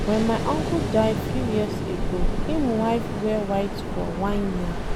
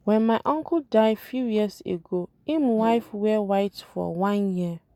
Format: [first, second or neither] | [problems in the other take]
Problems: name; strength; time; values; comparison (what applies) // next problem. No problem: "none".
second | background sound (Ocean); as loud as the speech